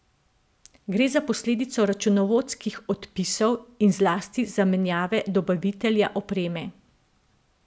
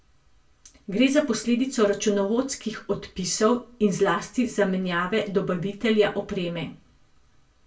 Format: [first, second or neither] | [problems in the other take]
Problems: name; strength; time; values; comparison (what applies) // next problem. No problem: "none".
first | room echo; dies away in 0.2 s